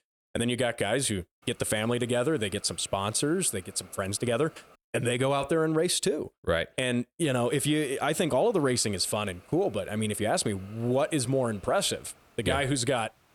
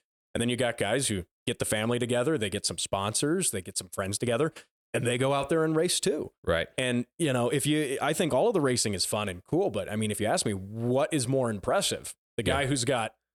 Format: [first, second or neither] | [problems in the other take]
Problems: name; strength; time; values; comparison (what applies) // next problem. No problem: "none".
second | hiss; faint; from 1.5 to 5 s and from 7 s on; 25 dB below the speech